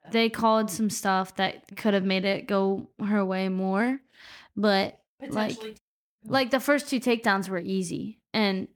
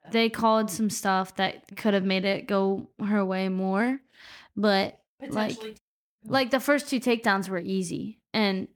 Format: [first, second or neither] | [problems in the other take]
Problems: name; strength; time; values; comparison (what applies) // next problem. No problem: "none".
neither | none